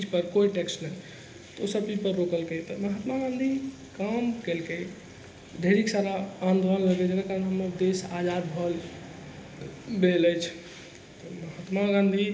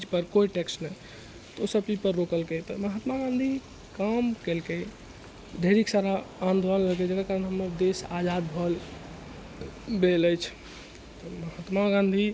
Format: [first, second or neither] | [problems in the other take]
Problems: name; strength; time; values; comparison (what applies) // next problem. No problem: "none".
second | room echo; dies away in 0.8 s